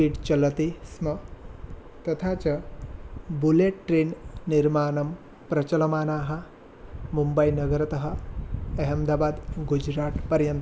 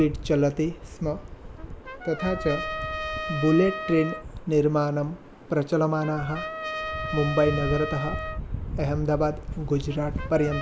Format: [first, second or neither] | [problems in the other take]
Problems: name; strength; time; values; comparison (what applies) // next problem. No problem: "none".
first | background sound (Trumpet); 10 dB below the speech